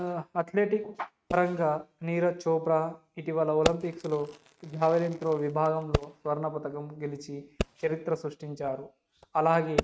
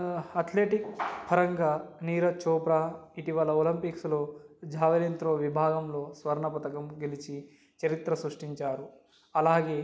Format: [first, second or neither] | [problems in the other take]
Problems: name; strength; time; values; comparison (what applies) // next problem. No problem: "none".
second | noise reduction (neural mask model RNNoise)